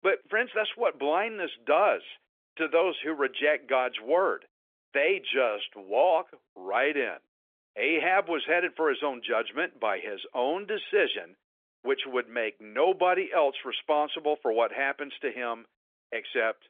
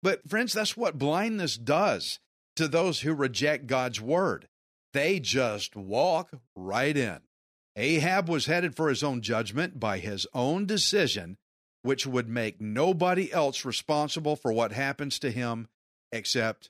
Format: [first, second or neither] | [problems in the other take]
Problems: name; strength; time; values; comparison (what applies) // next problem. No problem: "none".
second | phone-call audio; nothing above 3.5 kHz